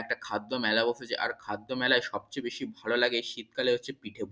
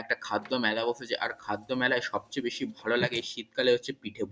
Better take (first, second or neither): first